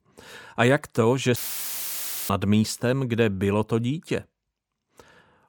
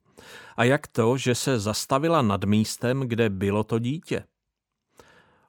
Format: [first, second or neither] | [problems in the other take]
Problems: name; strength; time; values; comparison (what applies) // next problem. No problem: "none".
second | audio cutting out; filled with static; at 1.5 s for 1 s